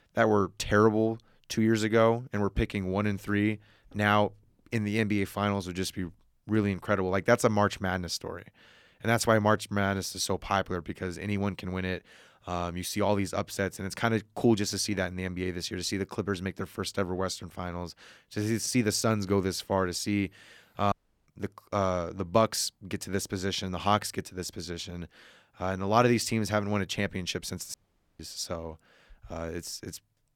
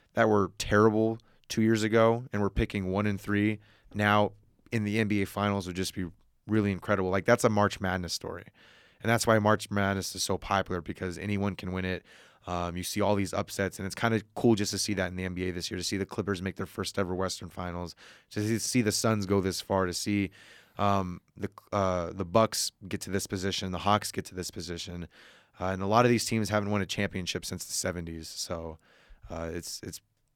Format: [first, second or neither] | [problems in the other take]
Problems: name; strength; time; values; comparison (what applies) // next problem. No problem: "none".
second | audio cutting out; at 21 s and at 28 s